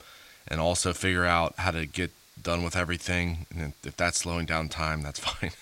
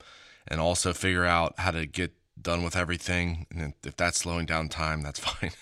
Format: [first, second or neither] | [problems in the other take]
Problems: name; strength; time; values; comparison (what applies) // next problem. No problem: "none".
second | hiss; faint; throughout; 25 dB below the speech